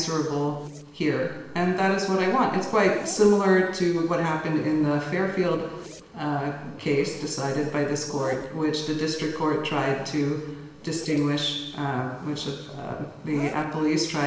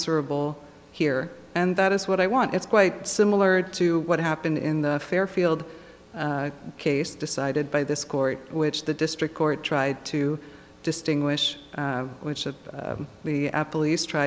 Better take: second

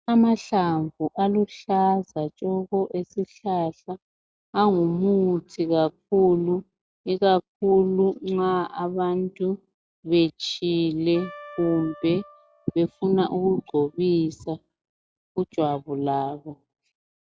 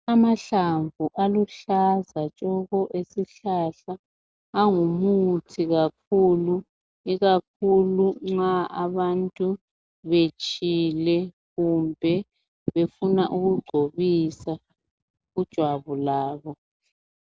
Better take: second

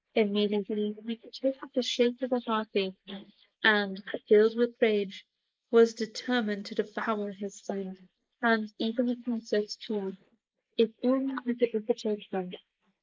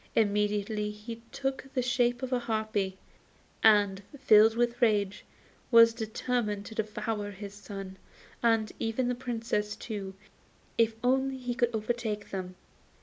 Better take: second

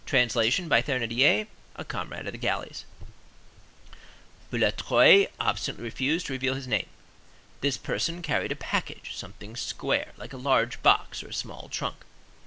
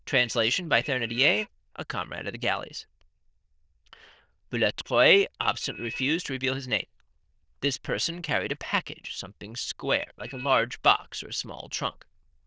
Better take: first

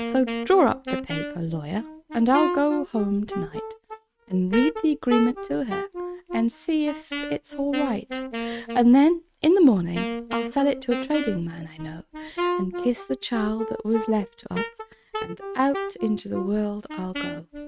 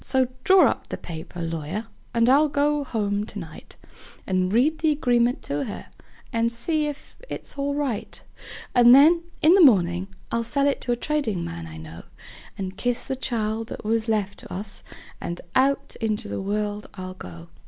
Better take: second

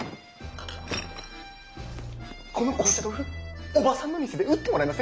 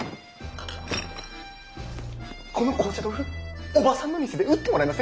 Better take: second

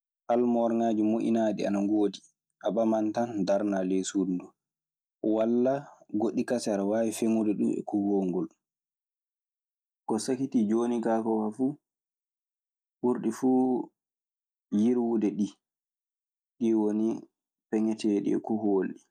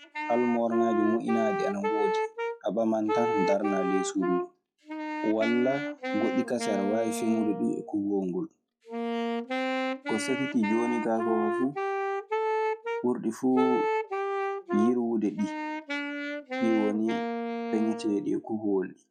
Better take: first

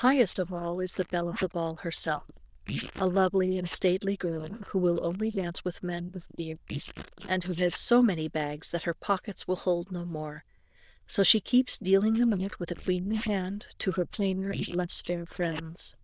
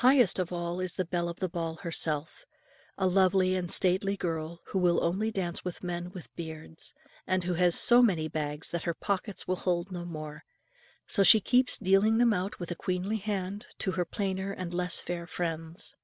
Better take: second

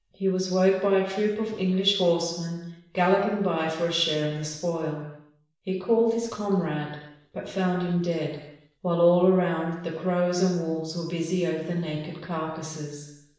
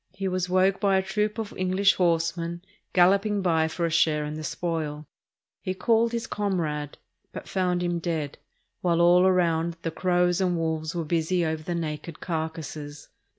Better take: second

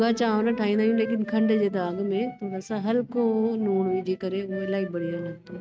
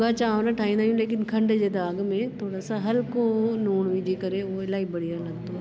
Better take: second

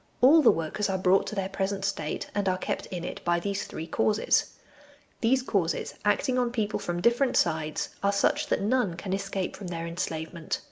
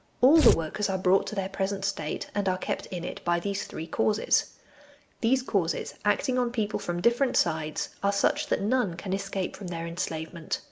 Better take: first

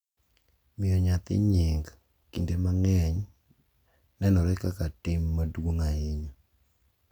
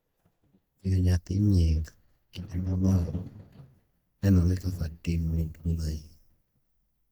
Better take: first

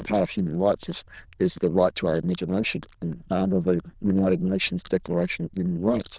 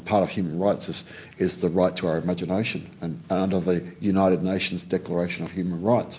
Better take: second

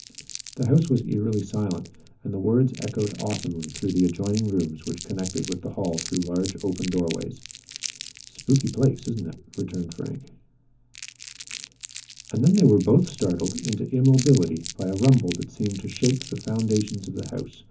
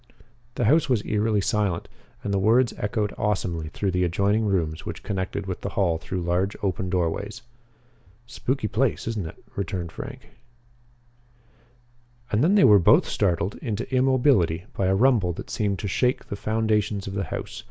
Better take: second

